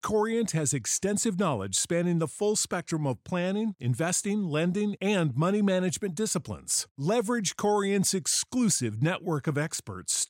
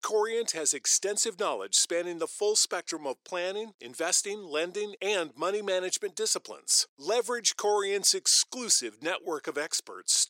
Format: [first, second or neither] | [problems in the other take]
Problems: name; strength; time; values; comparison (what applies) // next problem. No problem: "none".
first | thin; very; fading below 400 Hz